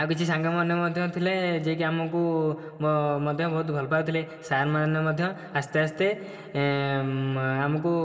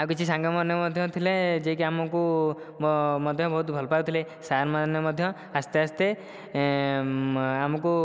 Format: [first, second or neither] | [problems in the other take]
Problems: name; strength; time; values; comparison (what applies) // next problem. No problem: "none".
second | room echo; dies away in 1.8 s